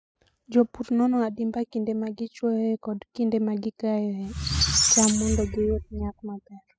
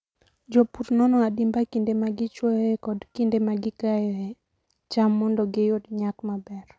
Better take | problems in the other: second | noise reduction (classical method spectral subtraction)

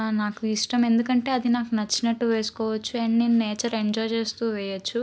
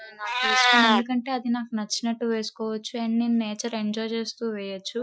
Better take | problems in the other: first | noise reduction (classical method Wiener filter)

